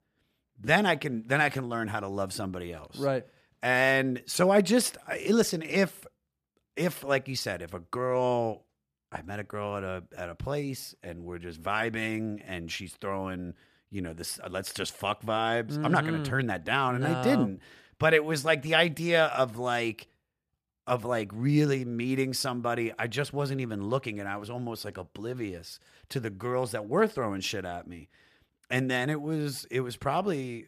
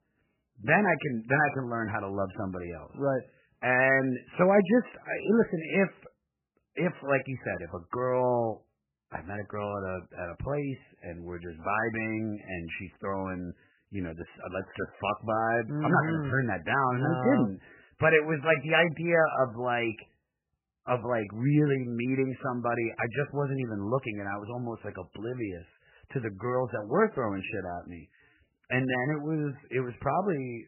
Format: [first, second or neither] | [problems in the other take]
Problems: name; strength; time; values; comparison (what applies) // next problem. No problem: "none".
first | garbled, watery; badly; nothing above 3 kHz